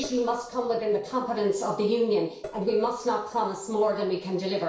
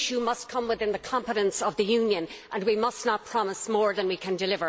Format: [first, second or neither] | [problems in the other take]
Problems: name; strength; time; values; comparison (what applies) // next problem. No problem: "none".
second | noise reduction (neural separator model SepFormer DNS4)